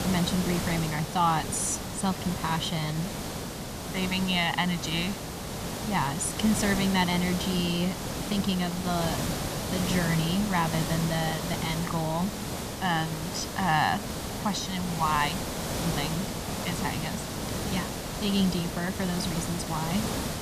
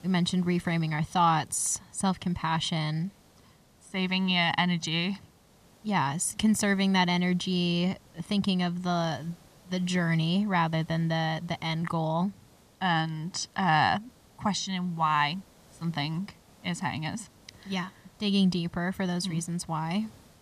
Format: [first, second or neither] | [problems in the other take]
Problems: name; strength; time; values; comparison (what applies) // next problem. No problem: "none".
second | hiss; loud; throughout; 4 dB below the speech; faint in the second